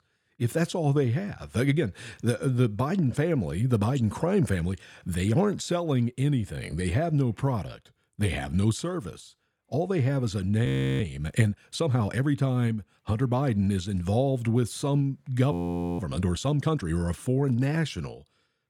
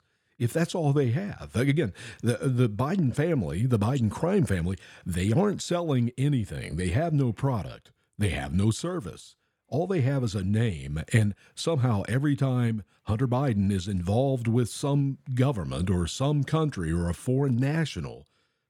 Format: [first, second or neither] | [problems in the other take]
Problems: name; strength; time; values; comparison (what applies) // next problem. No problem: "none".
second | audio freezing; at 11 s and at 16 s